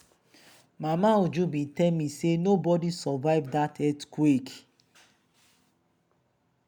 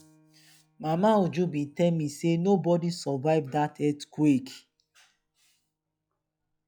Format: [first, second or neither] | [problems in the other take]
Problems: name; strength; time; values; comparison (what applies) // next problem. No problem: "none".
first | noise reduction (classical method log-MMSE)